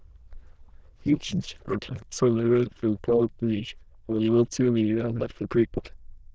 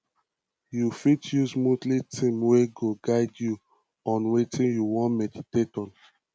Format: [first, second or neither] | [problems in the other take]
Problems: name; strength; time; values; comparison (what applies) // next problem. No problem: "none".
second | noise reduction (neural diffusion model UNIVERSE++)